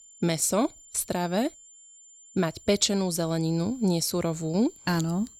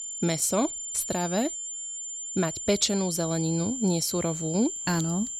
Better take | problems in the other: first | high-pitched whine; loud; throughout; 7.5 kHz, 5 dB below the speech; faint in the first

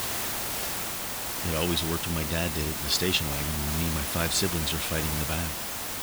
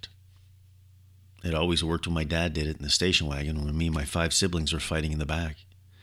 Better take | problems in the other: second | hiss; loud; throughout; as loud as the speech

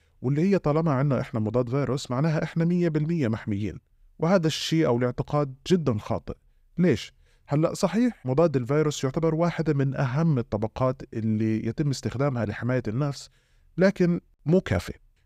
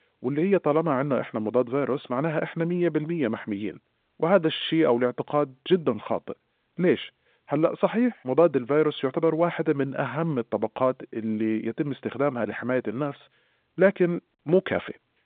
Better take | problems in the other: first | phone-call audio

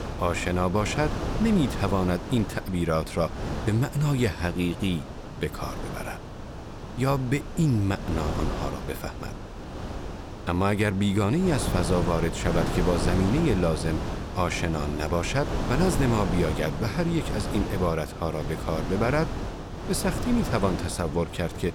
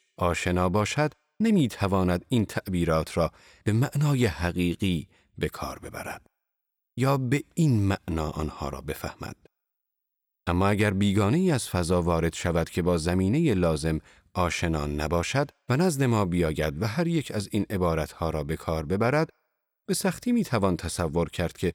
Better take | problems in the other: second | wind noise on the microphone; heavy; 6 dB below the speech

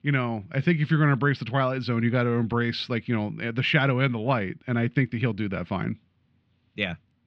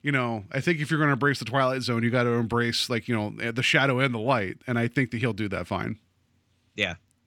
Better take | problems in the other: second | muffled; very slightly; fading above 4 kHz

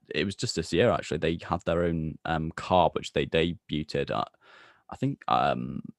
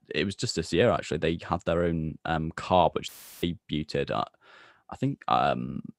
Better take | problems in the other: first | audio cutting out; filled with static; at 3 s

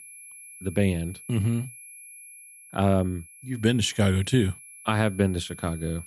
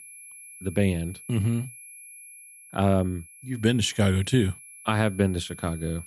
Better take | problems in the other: neither | high-pitched whine; noticeable; throughout; 11 kHz, 20 dB below the speech; the same in both

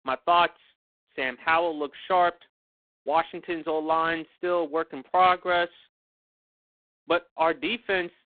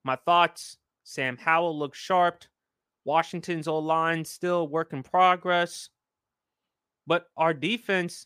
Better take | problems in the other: second | phone-call audio; poor line

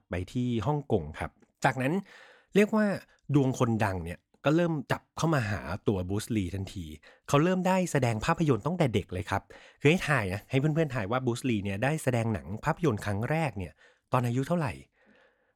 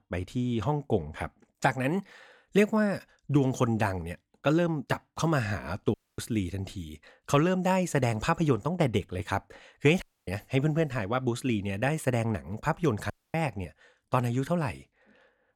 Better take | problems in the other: first | audio cutting out; at 6 s, at 10 s and at 13 s

